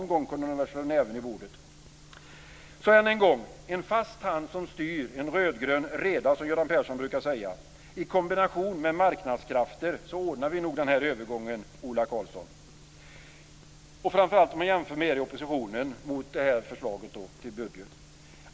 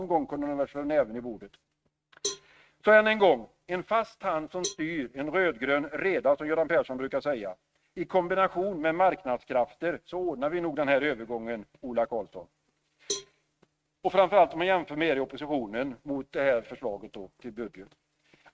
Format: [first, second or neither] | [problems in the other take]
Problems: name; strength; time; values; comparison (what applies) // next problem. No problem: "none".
first | noise reduction (neural mask model RNNoise)